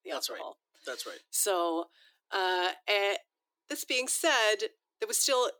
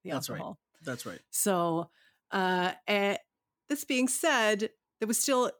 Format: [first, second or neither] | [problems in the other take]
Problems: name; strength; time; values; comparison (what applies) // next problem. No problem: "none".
second | thin; very; fading below 350 Hz